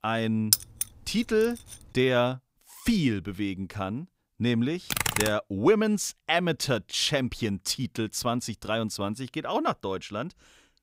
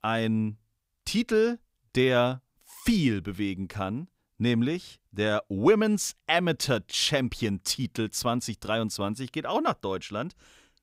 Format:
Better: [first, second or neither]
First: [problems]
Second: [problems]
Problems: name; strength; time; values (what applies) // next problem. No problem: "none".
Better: second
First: jangling keys; loud; at 0.5 s; peak 4 dB above the speech // keyboard typing; loud; at 5 s; peak 2 dB above the speech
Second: none